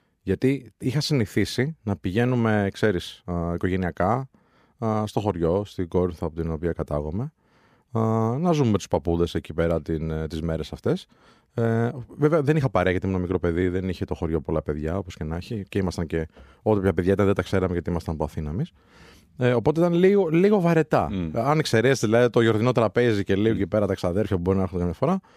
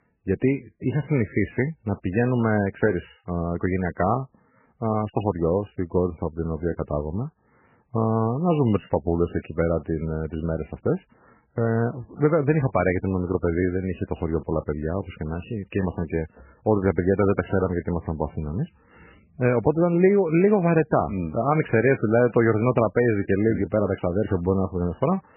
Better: first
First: none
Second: garbled, watery; badly; nothing above 2.5 kHz

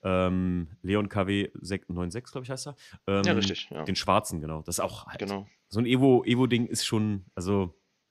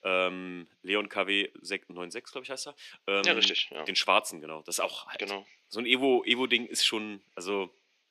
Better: first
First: none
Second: thin; somewhat; fading below 300 Hz

